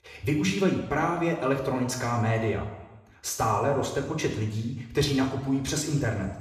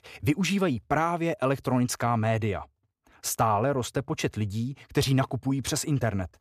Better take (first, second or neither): second